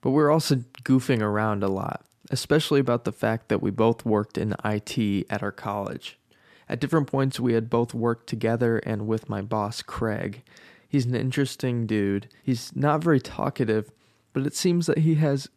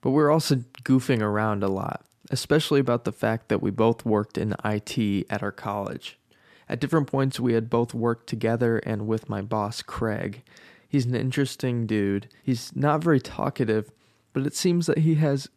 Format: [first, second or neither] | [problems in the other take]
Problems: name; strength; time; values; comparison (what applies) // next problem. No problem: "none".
neither | none